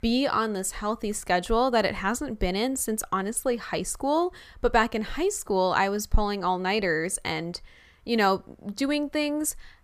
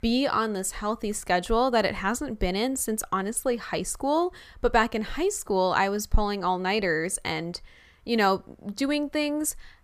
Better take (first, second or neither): neither